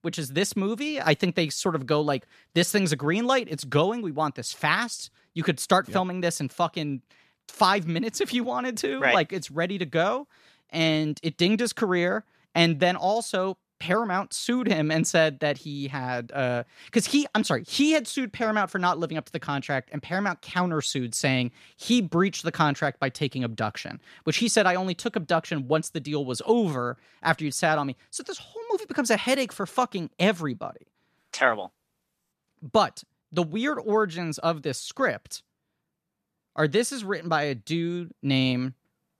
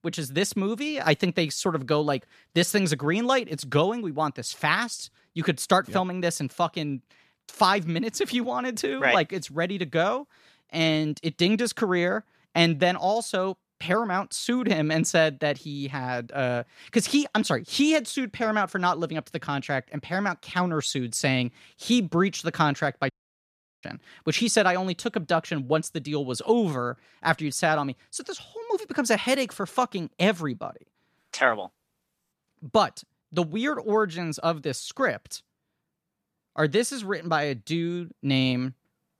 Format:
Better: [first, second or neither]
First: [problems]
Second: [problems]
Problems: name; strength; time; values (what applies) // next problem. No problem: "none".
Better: first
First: none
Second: audio cutting out; at 23 s for 0.5 s